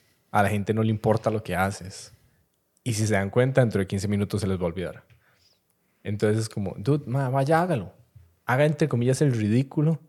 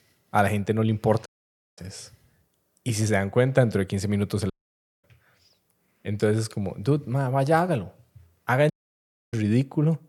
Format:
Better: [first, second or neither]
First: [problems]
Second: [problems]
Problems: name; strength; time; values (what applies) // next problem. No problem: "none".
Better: first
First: none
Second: audio cutting out; at 1.5 s for 0.5 s, at 4.5 s for 0.5 s and at 8.5 s for 0.5 s